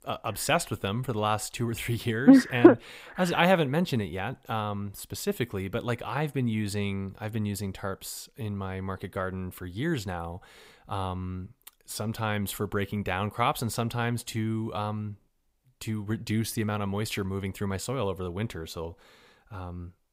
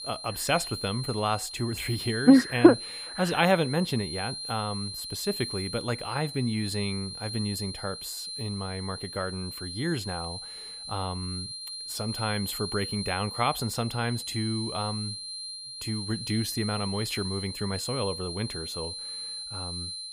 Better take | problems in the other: first | high-pitched whine; loud; throughout; 4 kHz, 6 dB below the speech

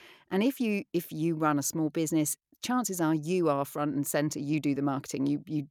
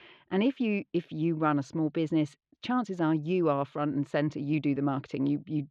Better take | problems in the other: first | muffled; very; fading above 3.5 kHz

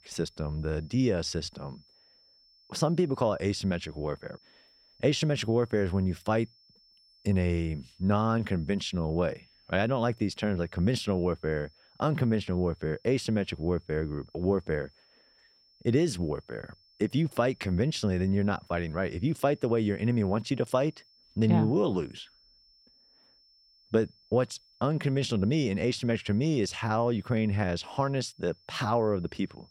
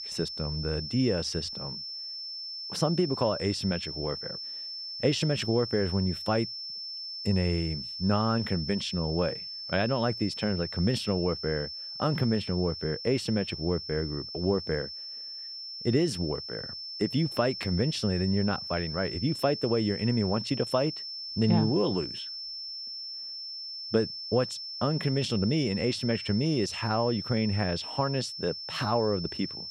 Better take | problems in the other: first | high-pitched whine; loud; throughout; 5.5 kHz, 7 dB below the speech; faint in the first

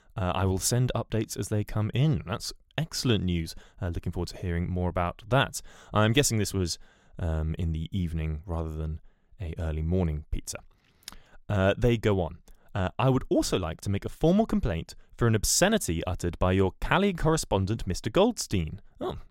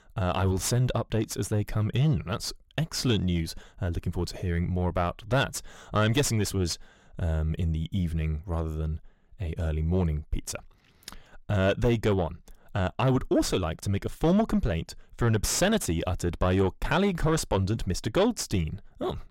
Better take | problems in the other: first | distortion; slight; 10 dB below the speech

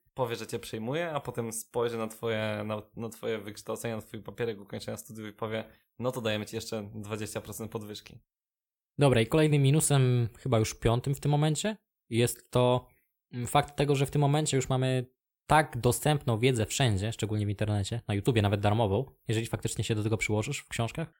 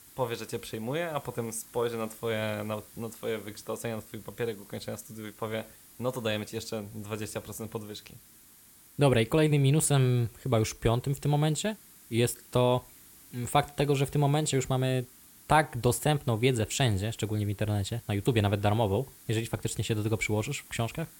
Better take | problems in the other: first | hiss; faint; throughout; 20 dB below the speech

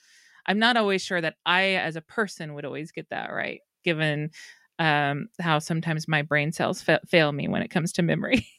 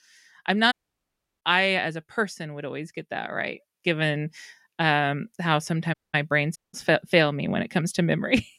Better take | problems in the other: first | audio cutting out; at 0.5 s for 0.5 s, at 6 s and at 6.5 s

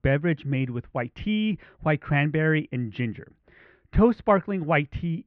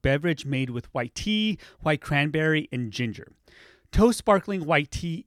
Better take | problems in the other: second | muffled; very; fading above 2.5 kHz

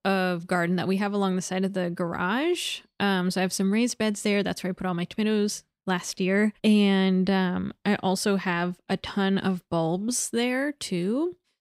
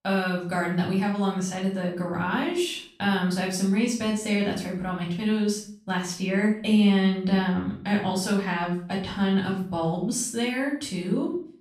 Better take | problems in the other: first | off-mic speech; far // room echo; noticeable; dies away in 0.4 s

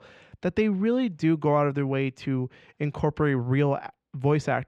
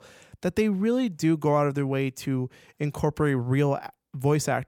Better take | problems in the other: second | muffled; slightly; fading above 3 kHz

